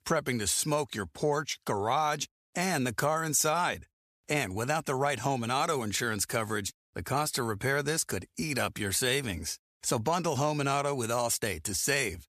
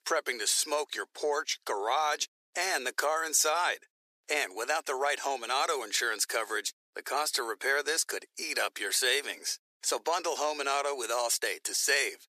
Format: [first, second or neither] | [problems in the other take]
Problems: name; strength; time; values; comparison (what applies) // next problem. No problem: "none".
first | thin; very; fading below 350 Hz